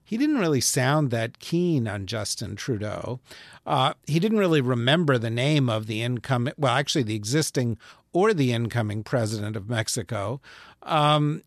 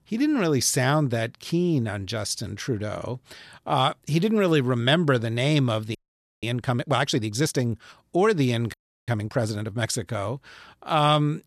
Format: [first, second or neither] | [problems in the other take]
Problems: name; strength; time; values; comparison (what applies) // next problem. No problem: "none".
first | audio freezing; at 6 s and at 8.5 s